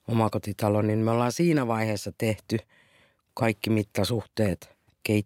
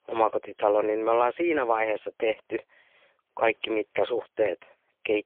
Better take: first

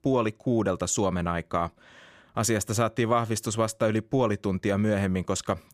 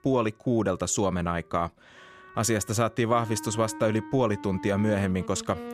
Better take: first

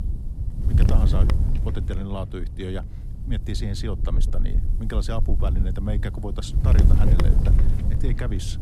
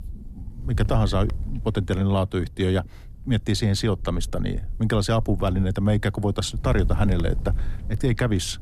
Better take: second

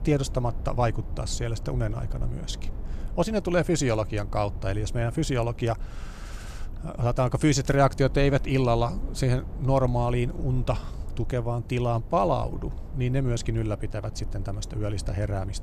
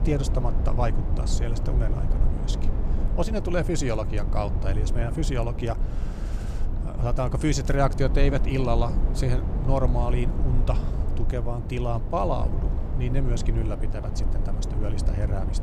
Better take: first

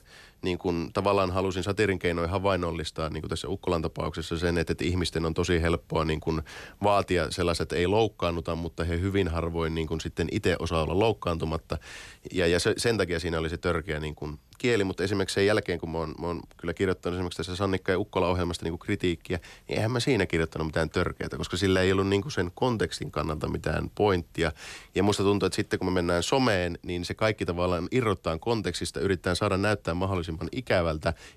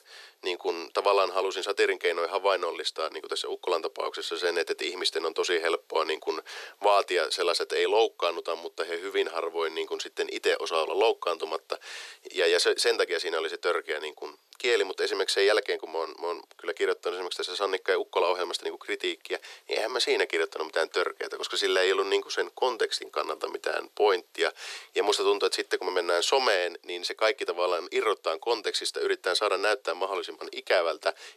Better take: first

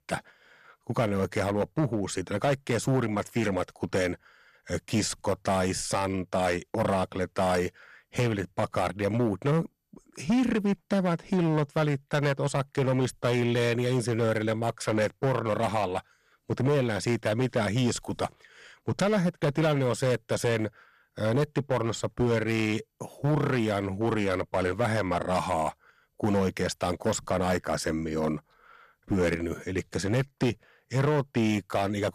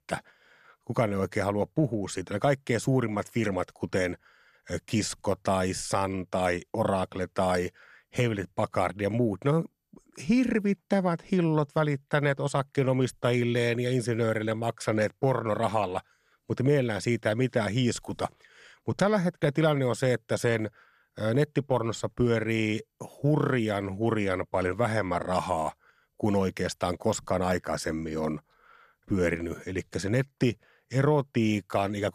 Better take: second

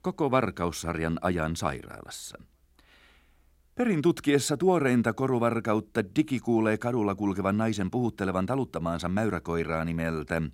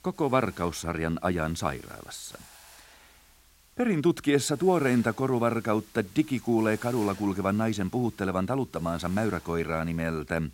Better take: first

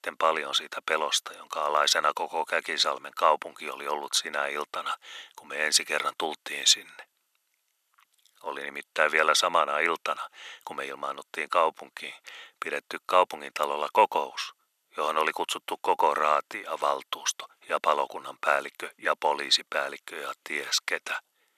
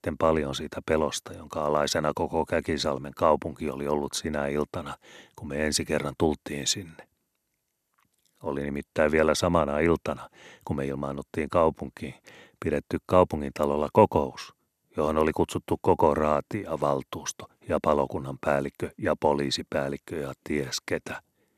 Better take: second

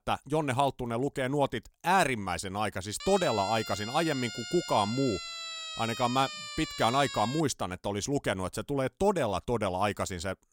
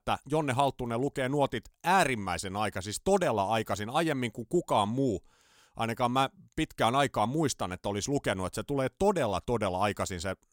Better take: second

